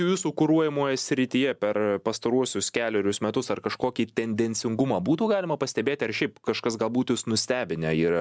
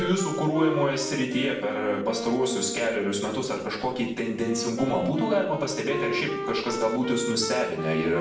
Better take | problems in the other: first | background sound (Wind instrument, woodwind instrument); 7 dB below the speech // room echo; dies away in 0.6 s

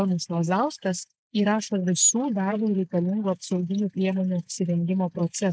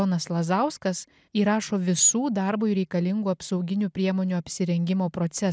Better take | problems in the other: second | noise reduction (neural mask model Resemble Enhance denoiser)

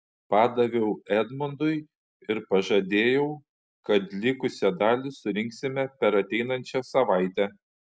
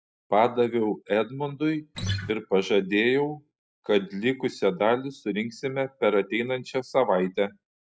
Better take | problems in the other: first | noise reduction (classical method log-MMSE)

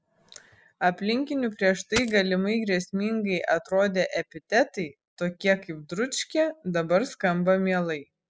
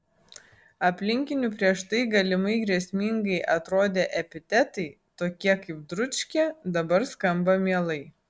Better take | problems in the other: second | noise reduction (classical method spectral subtraction)

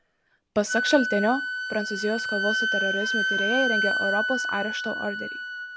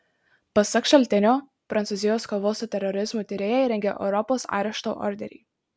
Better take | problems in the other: second | background sound (Wind instrument, woodwind instrument); as loud as the speech

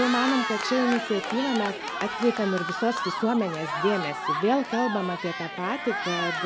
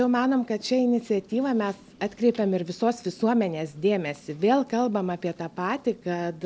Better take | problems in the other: second | background sound (Cheering); 4 dB below the speech

